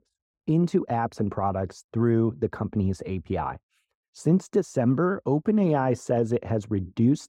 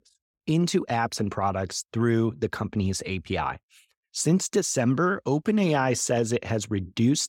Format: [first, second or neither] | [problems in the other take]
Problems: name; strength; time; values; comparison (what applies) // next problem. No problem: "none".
second | muffled; very; fading above 1.5 kHz